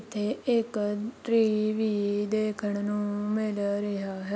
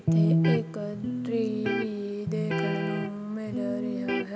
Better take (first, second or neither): first